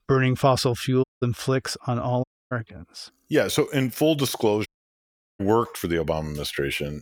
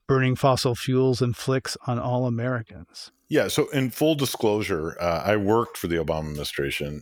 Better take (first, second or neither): second